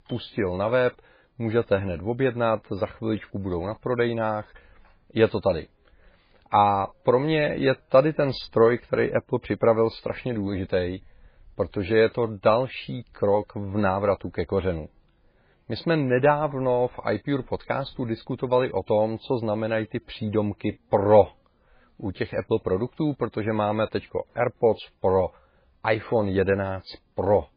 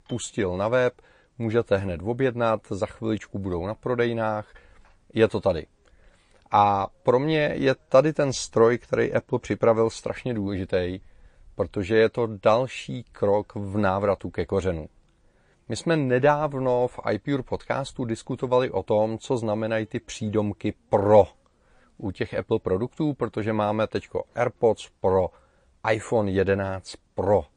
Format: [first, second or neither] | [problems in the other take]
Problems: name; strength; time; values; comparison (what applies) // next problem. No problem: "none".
second | garbled, watery; badly; nothing above 5 kHz; slightly in the second